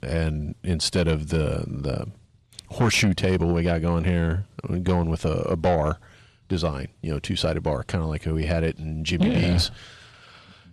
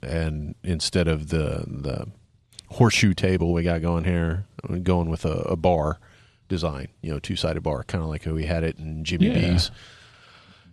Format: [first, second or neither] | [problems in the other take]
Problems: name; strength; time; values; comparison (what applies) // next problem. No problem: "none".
second | distortion; slight; 10 dB below the speech